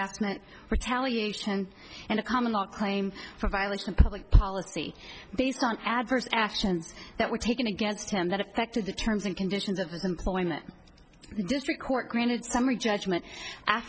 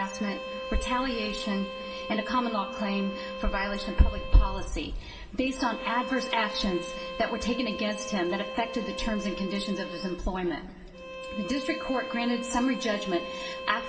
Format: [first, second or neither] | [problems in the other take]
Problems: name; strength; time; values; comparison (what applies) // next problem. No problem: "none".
first | background sound (Bowed string instrument); 9 dB below the speech // room echo; dies away in 2.6 s